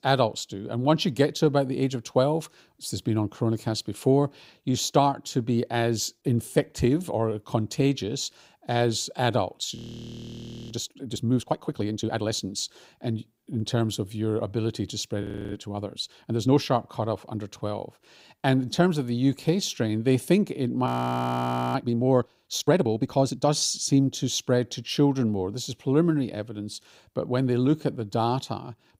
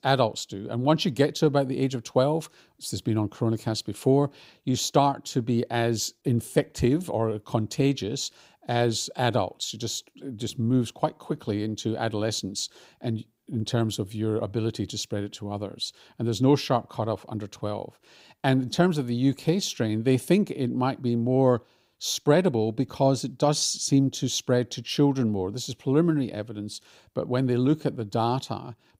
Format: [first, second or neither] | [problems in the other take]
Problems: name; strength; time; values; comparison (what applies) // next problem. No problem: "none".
second | audio freezing; at 10 s for 1 s, at 15 s and at 21 s for 1 s